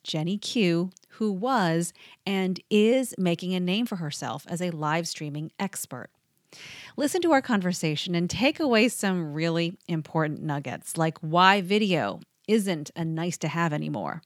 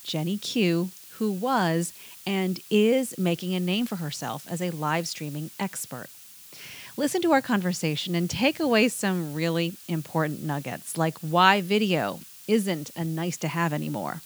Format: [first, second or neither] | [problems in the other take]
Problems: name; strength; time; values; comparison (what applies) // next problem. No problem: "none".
first | hiss; noticeable; throughout; 20 dB below the speech